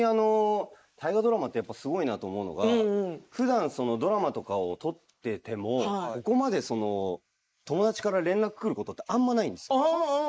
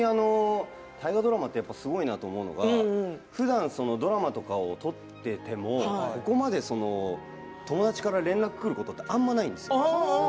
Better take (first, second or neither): second